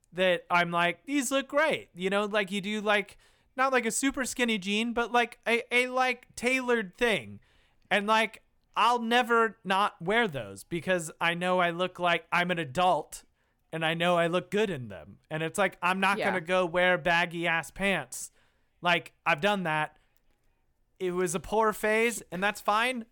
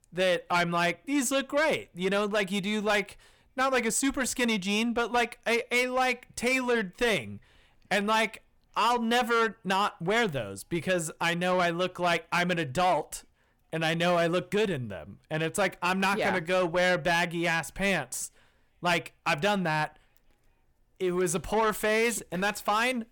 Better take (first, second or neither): first